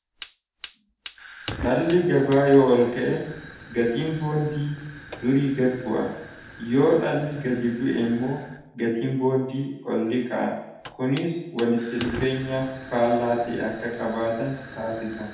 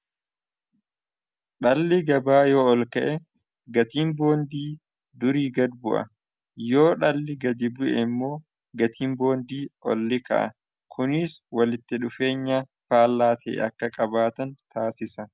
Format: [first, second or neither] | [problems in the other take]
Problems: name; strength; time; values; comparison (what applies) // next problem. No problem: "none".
second | background sound (Fire); 17 dB below the speech // room echo; dies away in 0.8 s